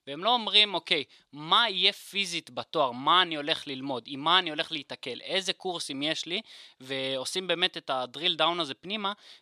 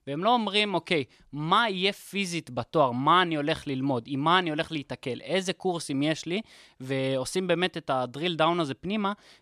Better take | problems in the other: second | thin; very slightly; fading below 950 Hz

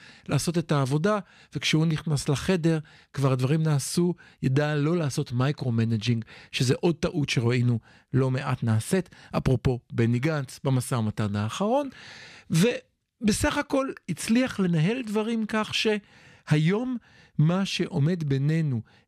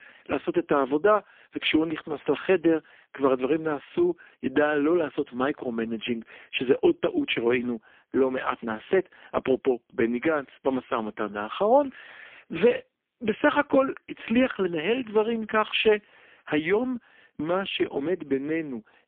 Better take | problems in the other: first | phone-call audio; poor line; nothing above 3.5 kHz

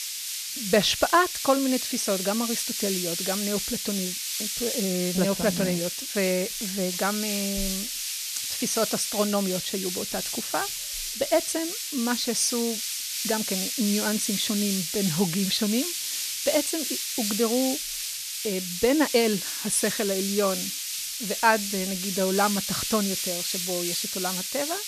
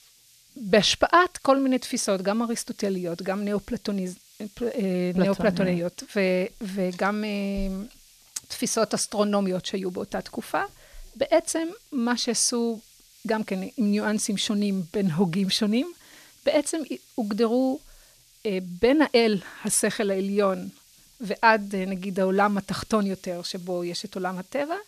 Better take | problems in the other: second | hiss; loud; throughout; 1 dB below the speech; faint in the second

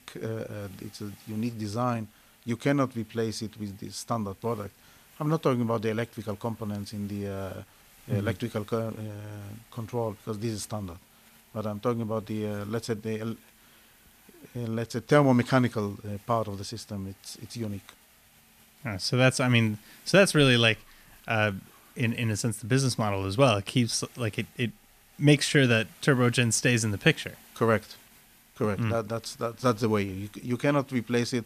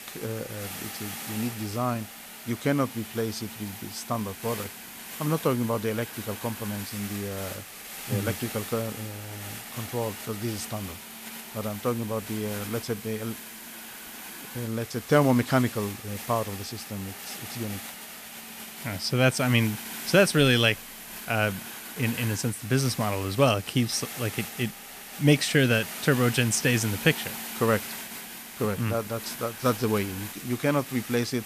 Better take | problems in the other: first | hiss; loud; throughout; 10 dB below the speech; faint in the first

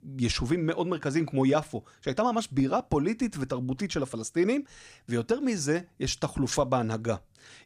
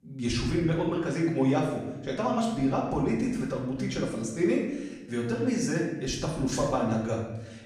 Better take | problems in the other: first | room echo; noticeable; dies away in 0.9 s // off-mic speech; far

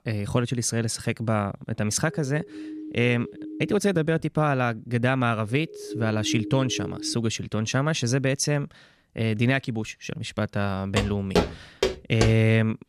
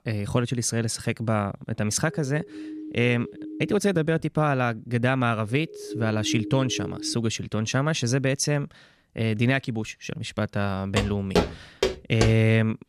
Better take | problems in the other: neither | siren; faint; from 2 to 3.5 s; peak 10 dB below the speech; the same in both // siren; noticeable; from 5.5 to 7 s; peak 6 dB below the speech; the same in both // footsteps; loud; from 11 to 12 s; peak level with the speech; the same in both

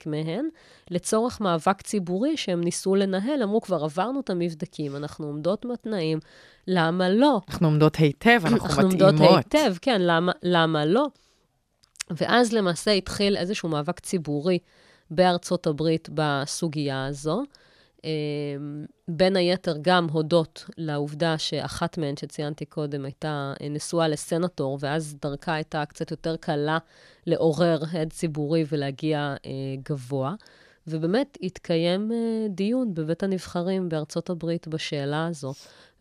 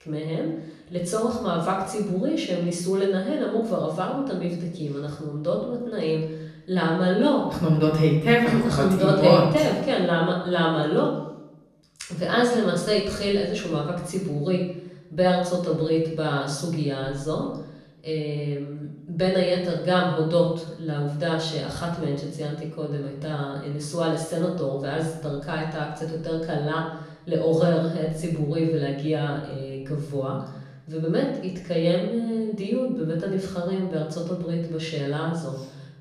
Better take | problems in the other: first | off-mic speech; far // room echo; noticeable; dies away in 0.7 s

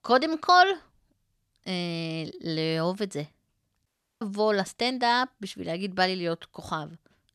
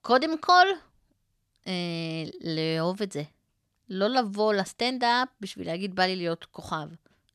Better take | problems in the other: second | audio cutting out; at 4 s

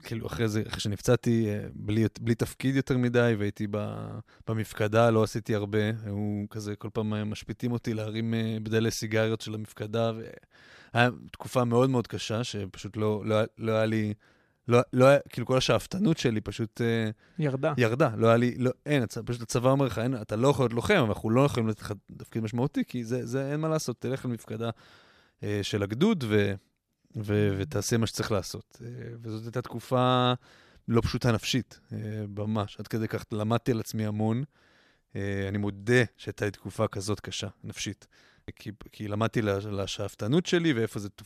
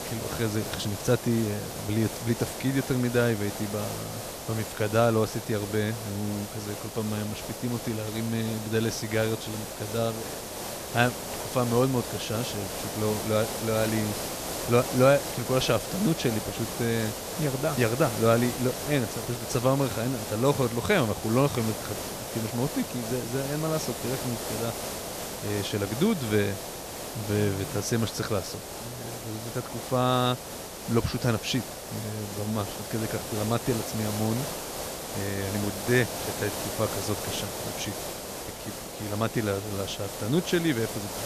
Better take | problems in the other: first | hiss; loud; throughout; 6 dB below the speech

